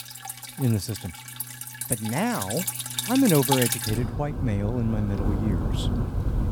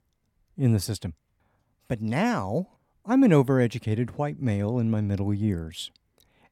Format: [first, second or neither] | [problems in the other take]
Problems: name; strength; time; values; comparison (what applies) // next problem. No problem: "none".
second | rain or running water; loud; throughout; 3 dB below the speech